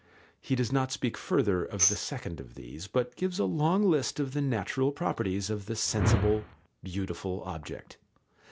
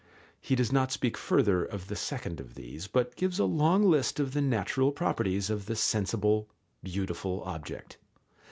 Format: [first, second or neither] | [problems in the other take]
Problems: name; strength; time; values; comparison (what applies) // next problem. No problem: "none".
second | background sound (Whoosh, swoosh, swish + Tambourine); 3 dB below the speech